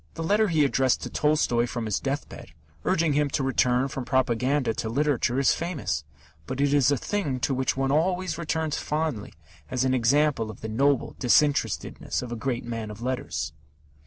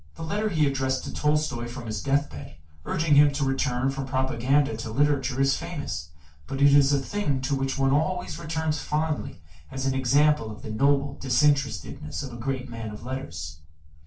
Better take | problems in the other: first | room echo; dies away in 0.2 s

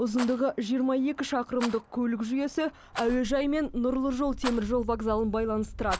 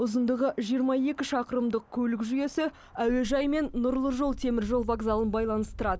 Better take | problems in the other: second | background sound (Rattle); 16 dB below the speech

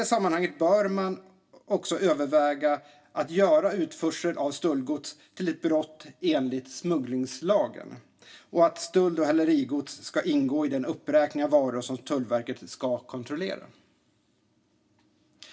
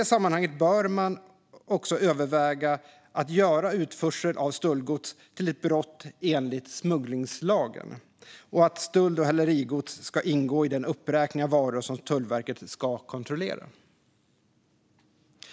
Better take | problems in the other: second | room echo; dies away in 0.2 s

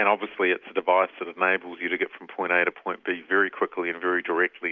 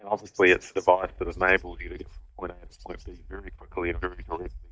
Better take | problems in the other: first | noise reduction (neural mask model DeepFilterNet 3)

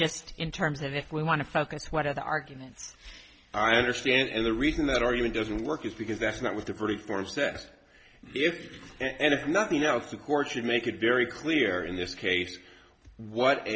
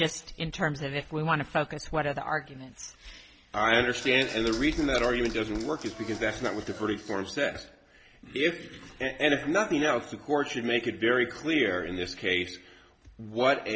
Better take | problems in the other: first | background sound (Applause / Clapping); 16 dB below the speech

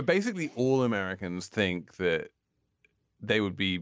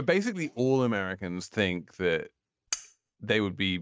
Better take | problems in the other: first | noise reduction (neural mask model RNNoise)

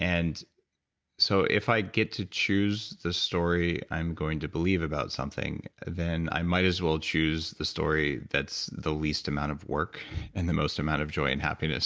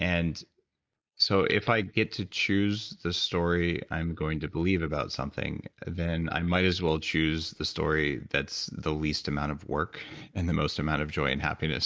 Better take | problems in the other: first | noise reduction (neural mask model Resemble Enhance denoiser)

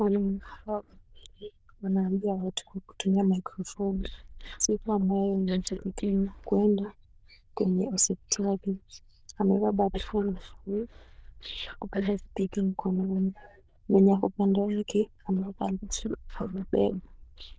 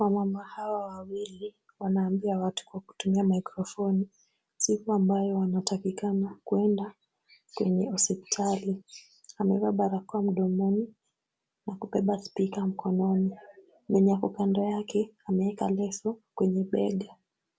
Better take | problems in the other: second | noise reduction (neural diffusion model UNIVERSE++)

